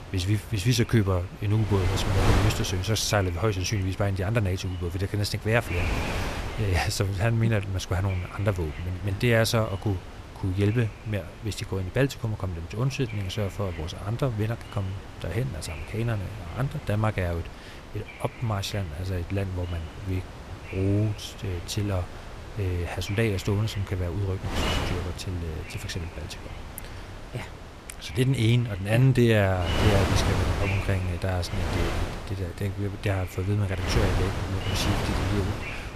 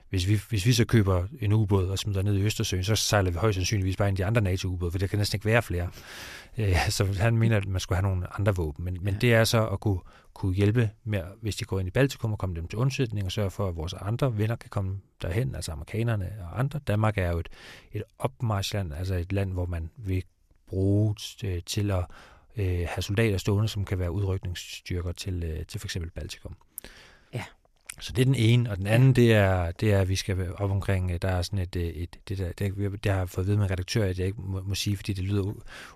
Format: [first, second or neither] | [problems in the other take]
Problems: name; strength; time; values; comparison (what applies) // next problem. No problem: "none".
second | wind noise on the microphone; heavy; 5 dB below the speech